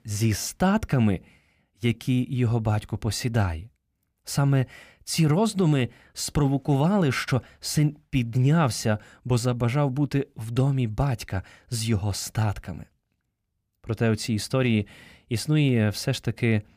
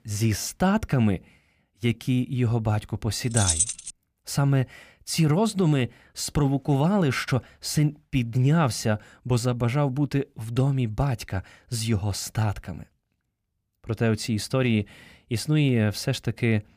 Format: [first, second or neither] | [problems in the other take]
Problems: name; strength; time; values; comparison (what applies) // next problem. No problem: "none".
first | jangling keys; loud; at 3.5 s; peak 3 dB above the speech